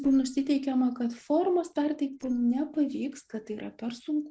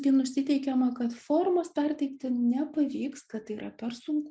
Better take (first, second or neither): second